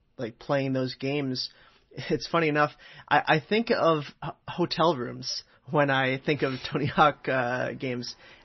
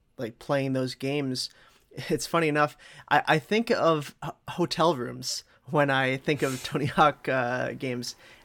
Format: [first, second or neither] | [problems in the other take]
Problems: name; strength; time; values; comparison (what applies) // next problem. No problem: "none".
second | garbled, watery; slightly; nothing above 6 kHz